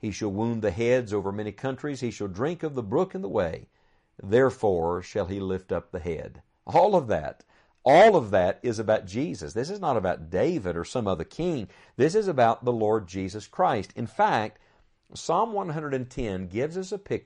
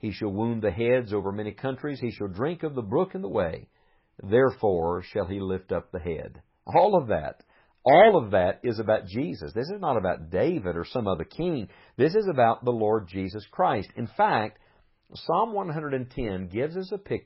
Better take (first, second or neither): first